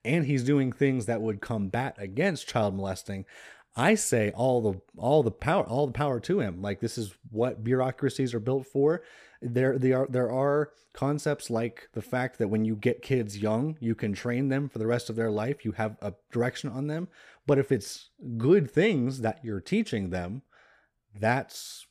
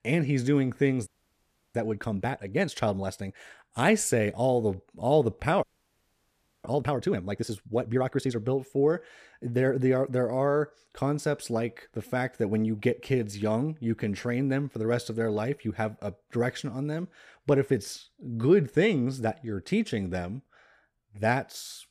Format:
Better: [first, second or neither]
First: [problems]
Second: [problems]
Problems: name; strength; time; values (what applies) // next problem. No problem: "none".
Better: first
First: none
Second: audio freezing; at 1 s for 0.5 s and at 5.5 s for 1 s